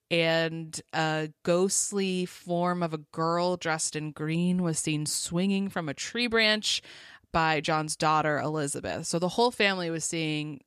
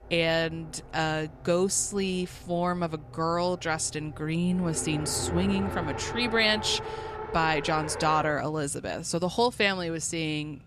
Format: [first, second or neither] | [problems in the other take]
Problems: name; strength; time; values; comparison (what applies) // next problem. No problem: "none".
first | traffic noise; noticeable; throughout; 10 dB below the speech